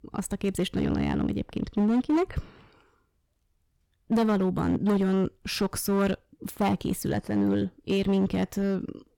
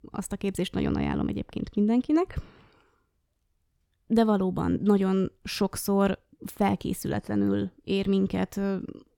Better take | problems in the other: second | distortion; slight; 7% of the sound clipped

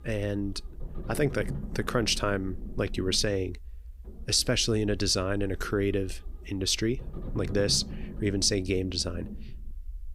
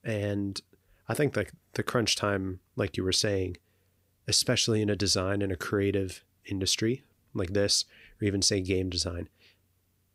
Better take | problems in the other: second | low rumble; faint; throughout; 20 dB below the speech

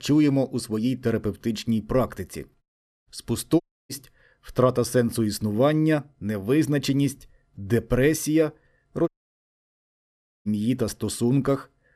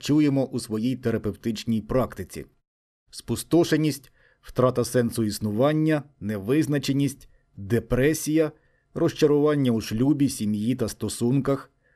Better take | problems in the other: second | audio cutting out; at 3.5 s and at 9 s for 1.5 s

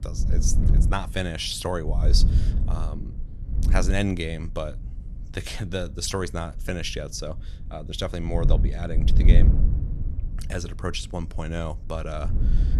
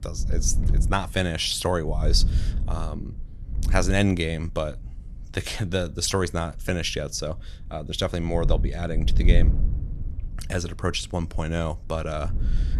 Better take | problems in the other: second | wind noise on the microphone; heavy; 9 dB below the speech; occasional gusts in the second

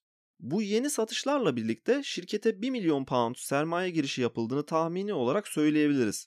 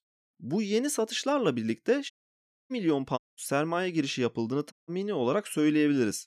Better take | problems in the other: first | audio cutting out; at 2 s for 0.5 s, at 3 s and at 4.5 s

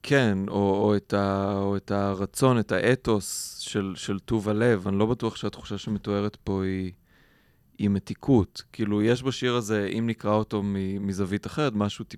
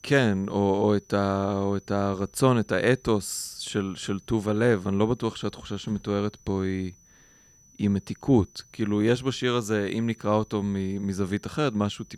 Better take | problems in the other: first | high-pitched whine; faint; throughout; 6 kHz, 30 dB below the speech

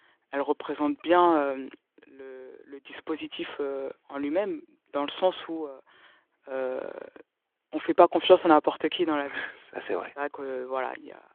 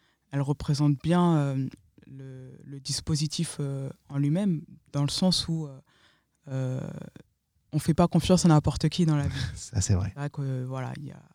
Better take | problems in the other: second | phone-call audio

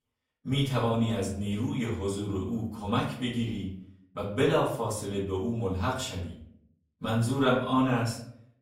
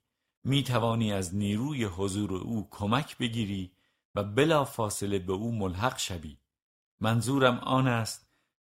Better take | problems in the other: second | off-mic speech; far // room echo; slight; dies away in 0.5 s

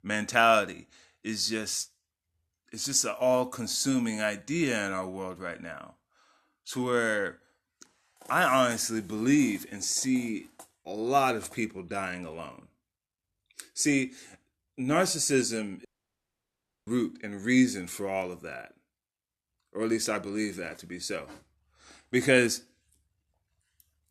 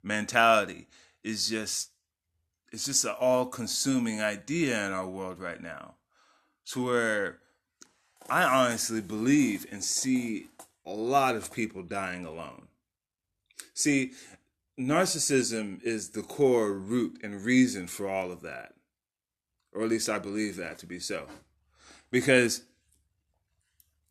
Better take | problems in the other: second | audio cutting out; at 16 s for 1 s

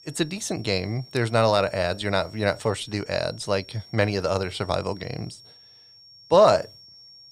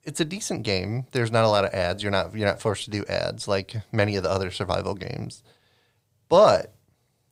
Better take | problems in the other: second | high-pitched whine; faint; throughout; 5.5 kHz, 20 dB below the speech

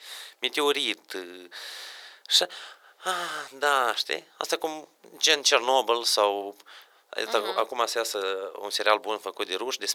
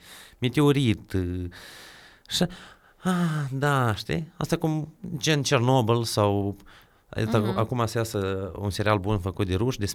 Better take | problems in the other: second | thin; very; fading below 450 Hz

